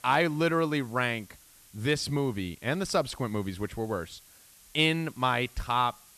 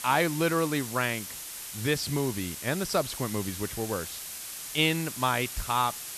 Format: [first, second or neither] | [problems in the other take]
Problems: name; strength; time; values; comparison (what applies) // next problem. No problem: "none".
first | hiss; loud; throughout; 7 dB below the speech; faint in the first